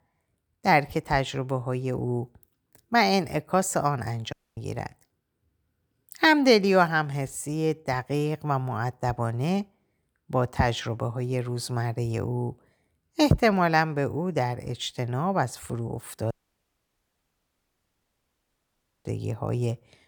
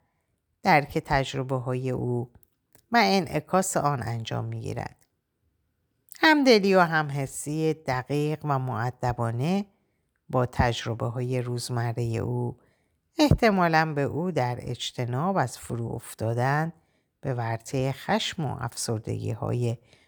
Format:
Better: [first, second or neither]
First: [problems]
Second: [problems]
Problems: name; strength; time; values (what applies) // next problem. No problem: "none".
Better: second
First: audio cutting out; at 4.5 s and at 16 s for 2.5 s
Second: none